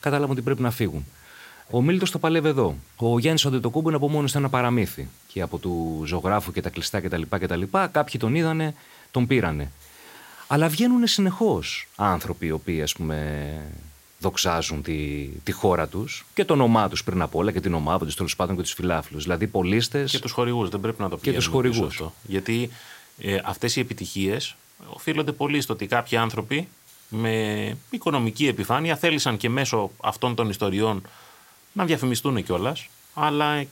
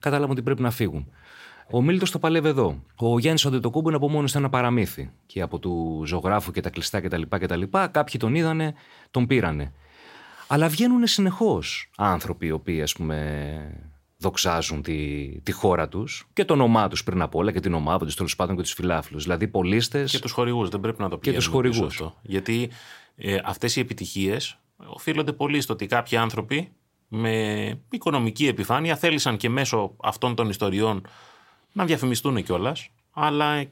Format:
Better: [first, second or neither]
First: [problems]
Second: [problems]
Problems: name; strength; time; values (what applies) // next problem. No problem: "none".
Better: second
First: hiss; faint; throughout; 25 dB below the speech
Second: none